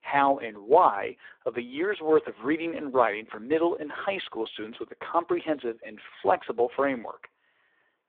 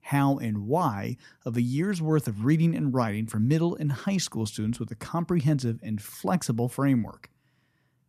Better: second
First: phone-call audio; poor line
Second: none

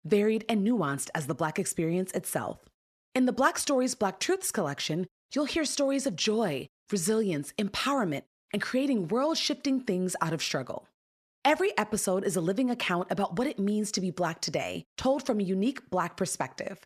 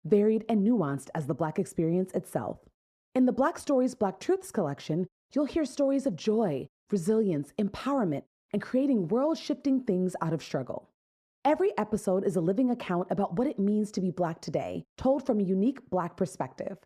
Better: first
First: none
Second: muffled; slightly; fading above 1.5 kHz

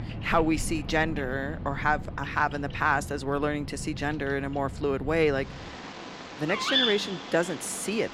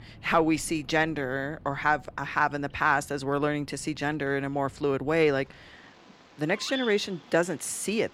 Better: second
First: animal sounds; loud; throughout; 6 dB below the speech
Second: animal sounds; faint; throughout; 20 dB below the speech

